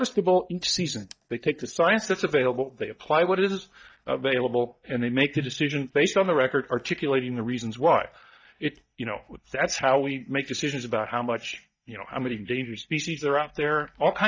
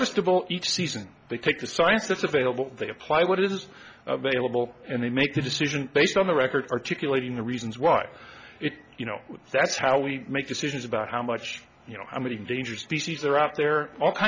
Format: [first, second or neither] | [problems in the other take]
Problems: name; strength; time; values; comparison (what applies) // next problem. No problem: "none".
second | noise reduction (neural mask model DeepFilterNet 3)